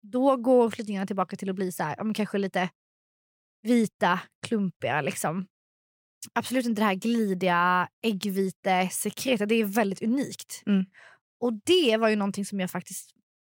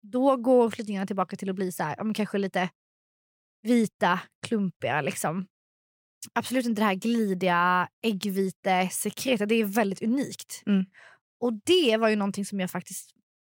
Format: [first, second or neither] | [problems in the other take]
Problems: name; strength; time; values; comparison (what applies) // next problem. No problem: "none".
neither | none